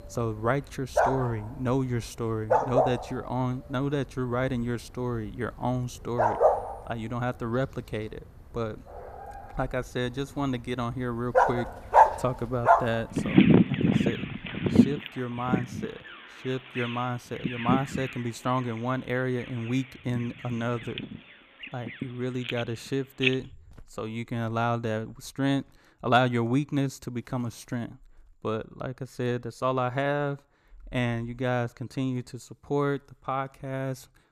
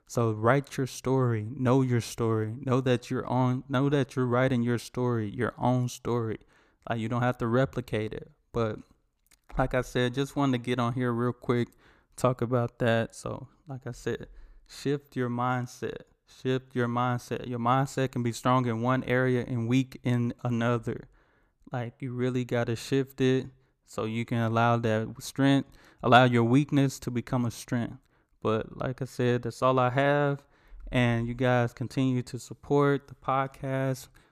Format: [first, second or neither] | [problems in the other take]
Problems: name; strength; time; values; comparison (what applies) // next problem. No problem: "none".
second | animal sounds; very loud; throughout; 5 dB above the speech